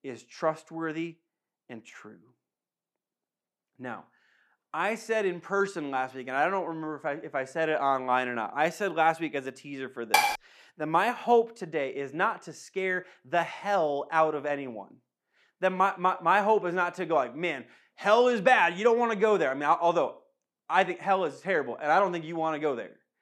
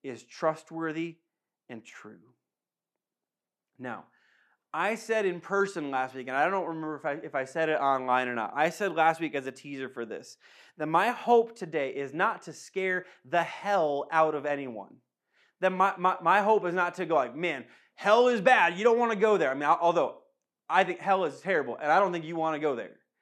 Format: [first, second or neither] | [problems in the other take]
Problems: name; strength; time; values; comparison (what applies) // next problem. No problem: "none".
second | clattering dishes; loud; at 10 s; peak 3 dB above the speech